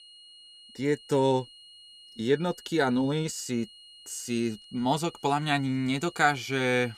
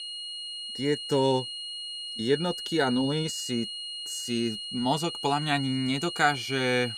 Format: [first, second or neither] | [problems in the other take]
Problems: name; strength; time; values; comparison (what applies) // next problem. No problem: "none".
first | high-pitched whine; loud; throughout; 3 kHz, 6 dB below the speech; faint in the first